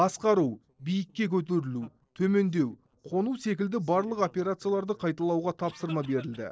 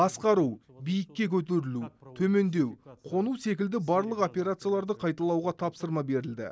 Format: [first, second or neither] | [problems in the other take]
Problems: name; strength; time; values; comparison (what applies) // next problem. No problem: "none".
second | noise reduction (neural separator model SepFormer DNS4)